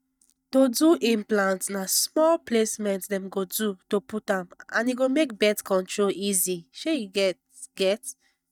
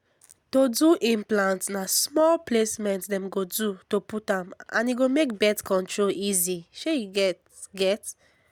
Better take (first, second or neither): second